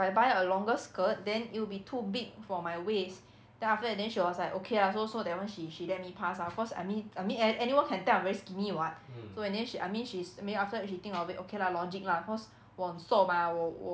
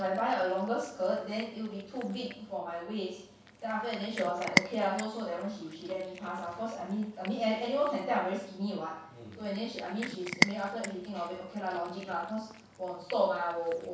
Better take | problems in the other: first | background sound (Cat); 6 dB below the speech // room echo; dies away in 0.7 s

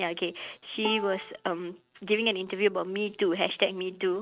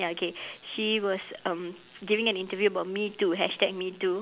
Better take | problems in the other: second | noise reduction (neural mask model RNNoise)

